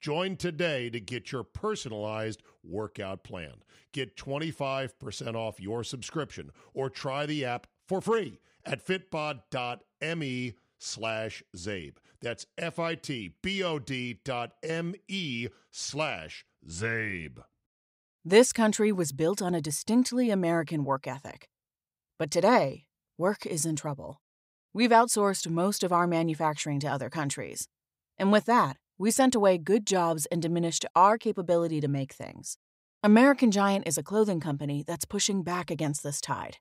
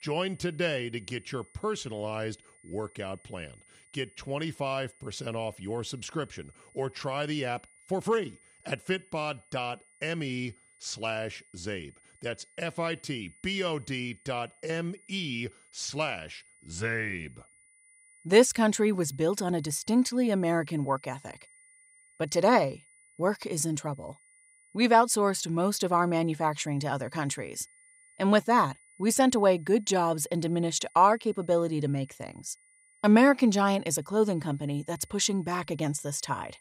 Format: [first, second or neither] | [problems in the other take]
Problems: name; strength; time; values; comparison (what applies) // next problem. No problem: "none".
first | high-pitched whine; faint; throughout; 2 kHz, 30 dB below the speech